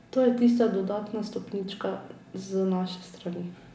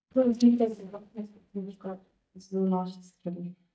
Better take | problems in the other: first | noise reduction (neural mask model DeepFilterNet 3)

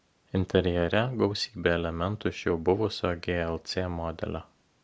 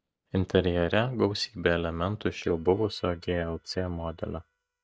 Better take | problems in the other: first | noise reduction (neural mask model DeepFilterNet 3)

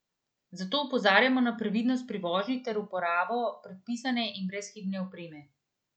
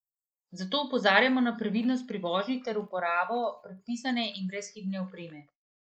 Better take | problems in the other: first | noise reduction (neural mask model Resemble Enhance denoiser)

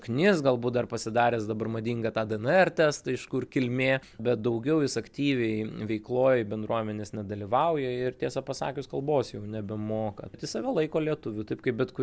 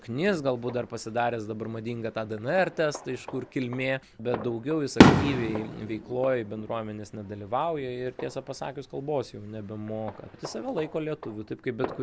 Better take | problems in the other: first | background sound (Fireworks); as loud as the speech

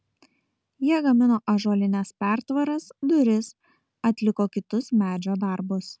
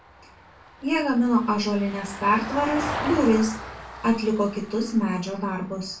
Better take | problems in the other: first | background sound (Vehicle); 11 dB below the speech // room echo; dies away in 0.3 s

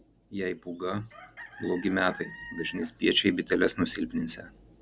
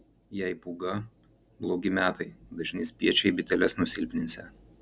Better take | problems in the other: second | background sound (Chicken, rooster); 17 dB below the speech

